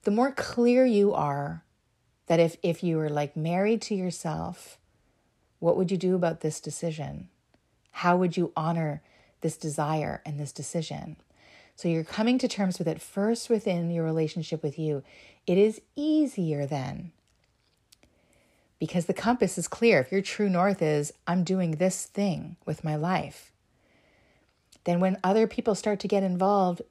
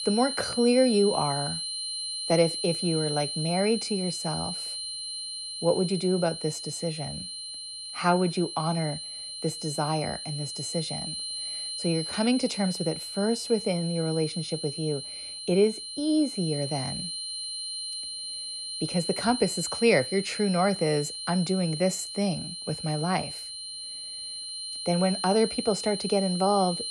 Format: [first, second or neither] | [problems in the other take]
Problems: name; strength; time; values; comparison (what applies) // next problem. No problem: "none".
first | high-pitched whine; loud; throughout; 4 kHz, 5 dB below the speech